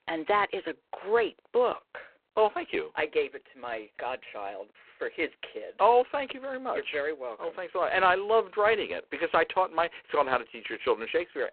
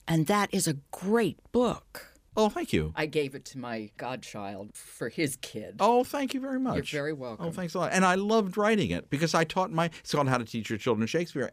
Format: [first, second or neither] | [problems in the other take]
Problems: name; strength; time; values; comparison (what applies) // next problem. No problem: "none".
second | phone-call audio; poor line